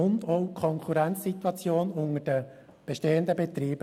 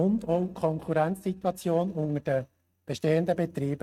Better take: first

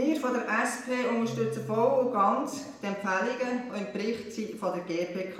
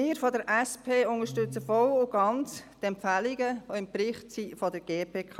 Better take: second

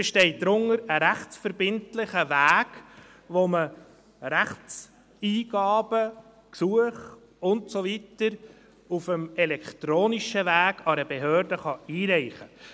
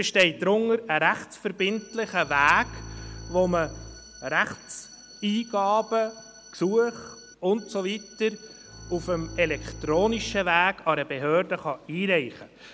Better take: first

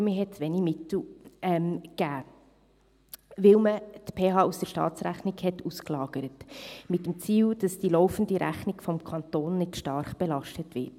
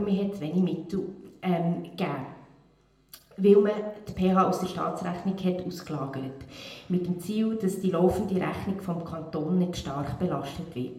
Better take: first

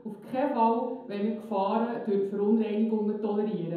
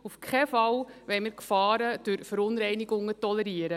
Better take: second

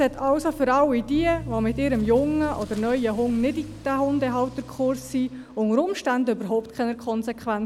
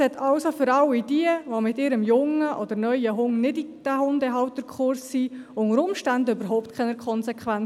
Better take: second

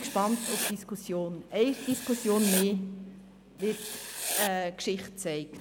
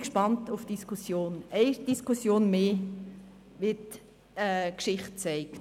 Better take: second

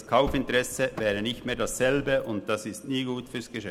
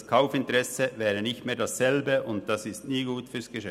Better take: second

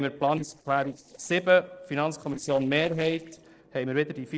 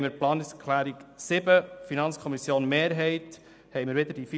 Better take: second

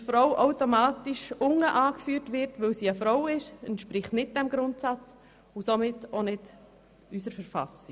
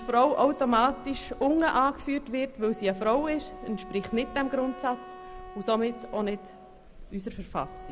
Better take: first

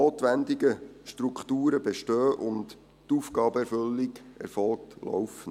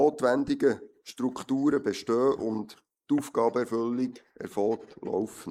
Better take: first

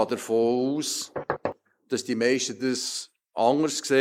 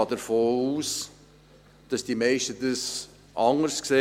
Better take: second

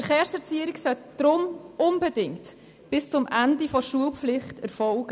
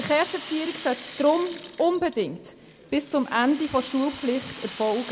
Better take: first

